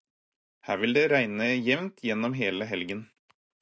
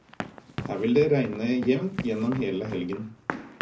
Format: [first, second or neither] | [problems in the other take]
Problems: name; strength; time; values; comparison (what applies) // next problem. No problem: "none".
first | background sound (Run); 10 dB below the speech // room echo; dies away in 0.4 s